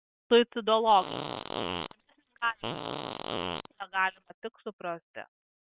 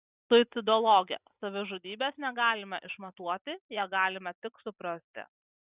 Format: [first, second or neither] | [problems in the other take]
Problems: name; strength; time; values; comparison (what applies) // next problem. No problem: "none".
second | noise reduction (neural separator model SepFormer WHAM!)